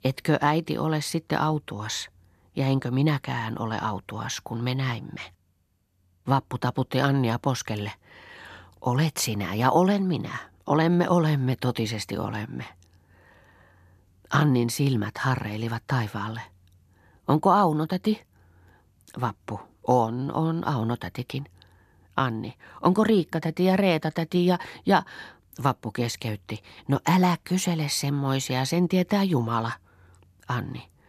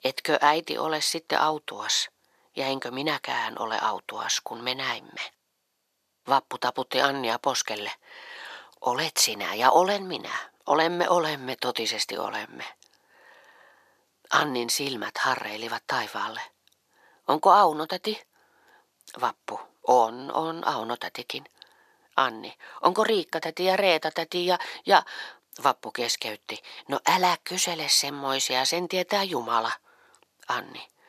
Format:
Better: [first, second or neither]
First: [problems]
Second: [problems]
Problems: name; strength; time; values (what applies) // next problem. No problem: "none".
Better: first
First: none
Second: thin; very; fading below 550 Hz